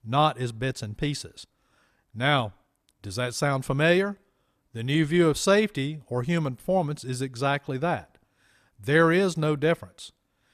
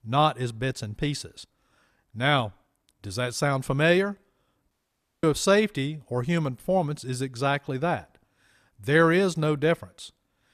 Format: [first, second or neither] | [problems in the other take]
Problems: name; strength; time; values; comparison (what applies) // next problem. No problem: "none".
first | audio cutting out; at 4.5 s for 0.5 s